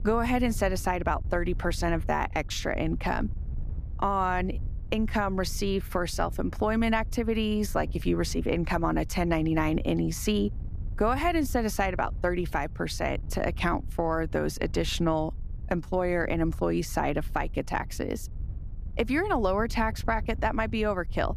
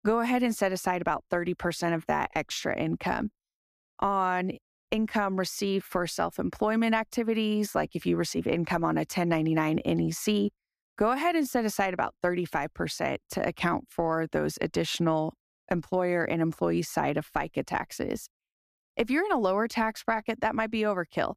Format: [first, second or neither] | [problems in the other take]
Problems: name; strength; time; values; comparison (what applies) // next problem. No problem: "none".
second | wind noise on the microphone; occasional gusts; 25 dB below the speech